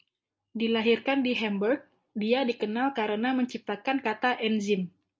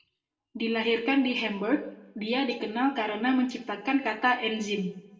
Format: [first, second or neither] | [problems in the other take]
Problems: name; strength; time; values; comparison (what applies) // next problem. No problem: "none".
first | room echo; dies away in 0.6 s